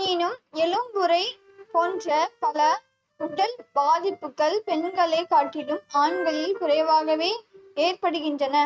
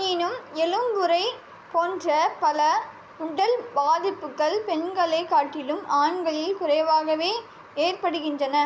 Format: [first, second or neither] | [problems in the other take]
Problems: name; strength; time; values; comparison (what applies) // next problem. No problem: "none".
second | noise reduction (neural mask model RNNoise)